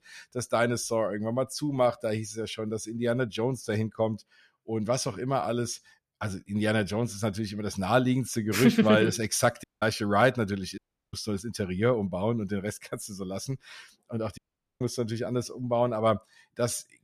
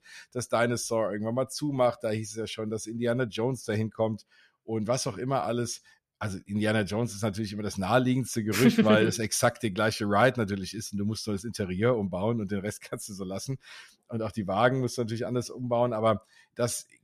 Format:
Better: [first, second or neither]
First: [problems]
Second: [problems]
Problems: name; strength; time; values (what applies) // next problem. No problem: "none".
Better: second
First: audio cutting out; at 9.5 s, at 11 s and at 14 s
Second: none